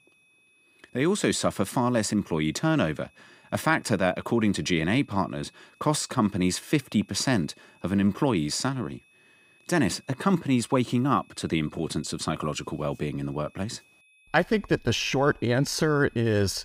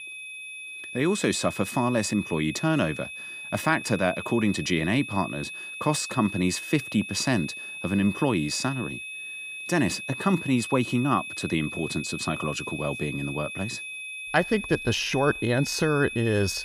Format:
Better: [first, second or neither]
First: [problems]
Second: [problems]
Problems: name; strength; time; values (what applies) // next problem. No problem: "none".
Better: first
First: high-pitched whine; faint; throughout; 2.5 kHz, 30 dB below the speech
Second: high-pitched whine; loud; throughout; 2.5 kHz, 8 dB below the speech